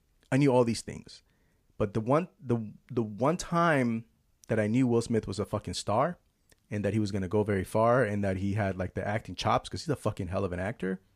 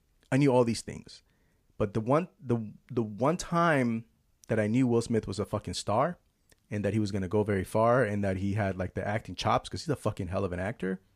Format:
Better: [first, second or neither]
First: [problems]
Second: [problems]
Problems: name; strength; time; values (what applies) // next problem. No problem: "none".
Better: neither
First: none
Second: none